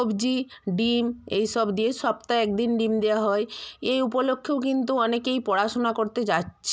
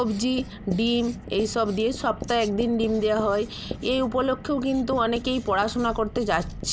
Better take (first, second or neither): first